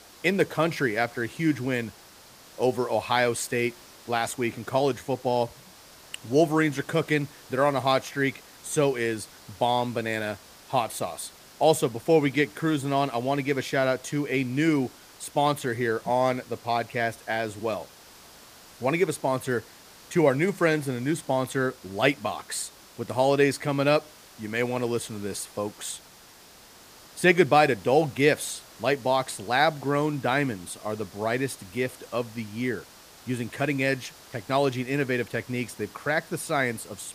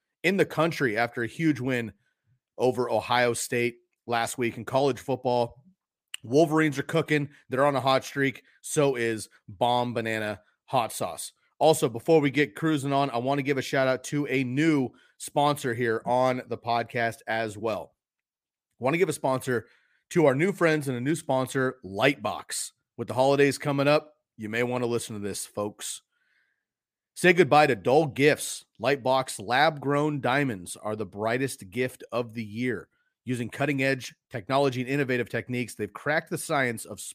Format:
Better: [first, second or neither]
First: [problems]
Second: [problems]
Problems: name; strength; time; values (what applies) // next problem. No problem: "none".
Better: second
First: hiss; faint; throughout; 20 dB below the speech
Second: none